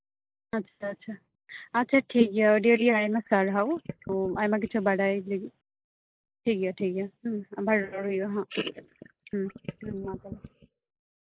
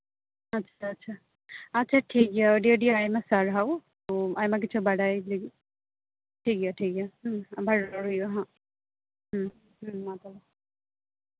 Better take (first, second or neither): second